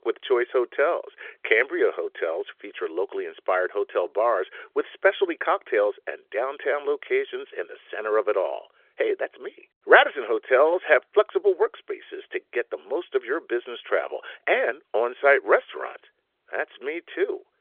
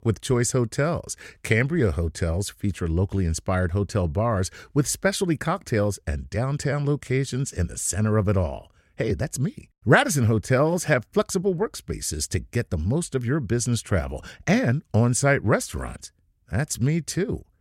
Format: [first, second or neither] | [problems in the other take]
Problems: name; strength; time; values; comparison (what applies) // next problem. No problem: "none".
second | phone-call audio; nothing above 3.5 kHz